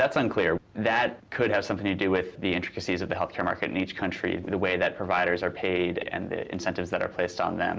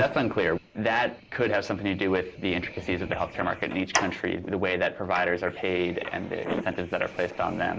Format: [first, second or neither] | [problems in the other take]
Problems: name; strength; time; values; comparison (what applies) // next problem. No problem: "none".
first | noise reduction (neural mask model Resemble Enhance denoiser)